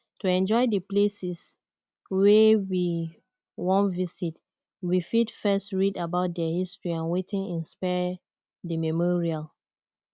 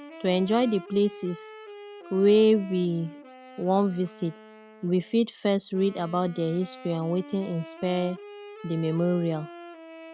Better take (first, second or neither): first